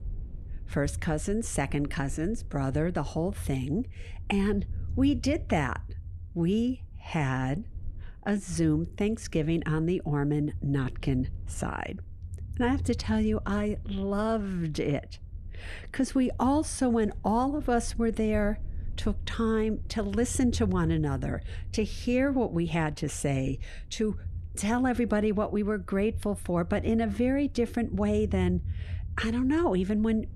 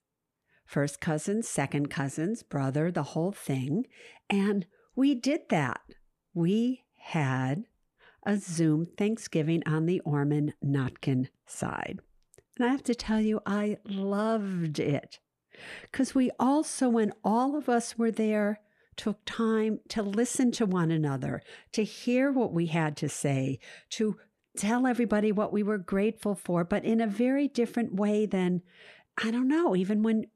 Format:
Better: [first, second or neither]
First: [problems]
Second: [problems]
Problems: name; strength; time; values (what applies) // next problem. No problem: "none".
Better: second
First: low rumble; faint; throughout; 25 dB below the speech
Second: none